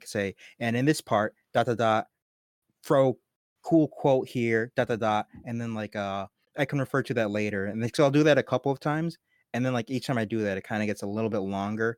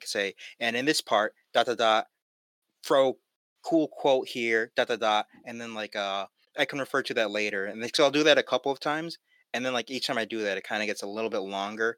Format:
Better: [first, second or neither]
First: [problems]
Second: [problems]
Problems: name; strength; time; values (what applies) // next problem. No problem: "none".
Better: first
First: none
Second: thin; somewhat; fading below 350 Hz